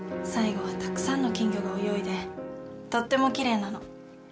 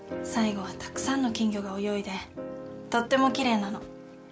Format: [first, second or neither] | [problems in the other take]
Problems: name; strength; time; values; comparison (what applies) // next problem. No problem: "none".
second | background sound (Bowed string instrument); 6 dB below the speech